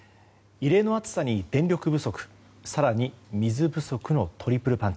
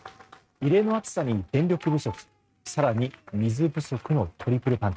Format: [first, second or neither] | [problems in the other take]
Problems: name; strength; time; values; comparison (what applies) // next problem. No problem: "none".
first | noise reduction (neural mask model RNNoise)